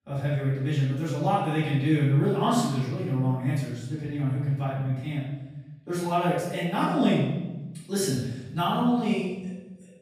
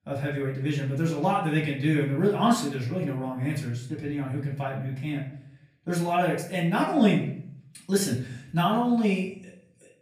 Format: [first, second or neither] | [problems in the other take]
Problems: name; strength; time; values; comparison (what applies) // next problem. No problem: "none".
second | room echo; strong; dies away in 1 s; slight in the second // off-mic speech; far; far in the second